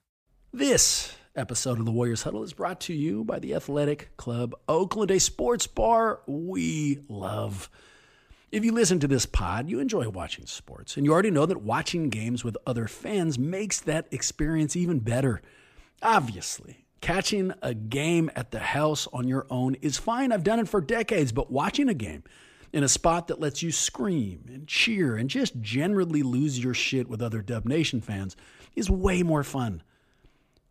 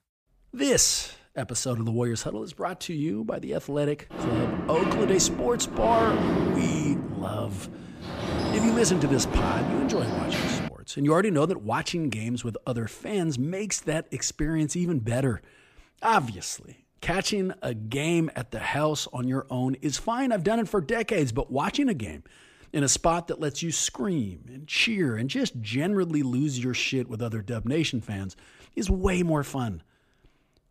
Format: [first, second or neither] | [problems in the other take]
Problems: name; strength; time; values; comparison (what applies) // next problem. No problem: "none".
first | door banging; loud; from 4 to 11 s; peak 2 dB above the speech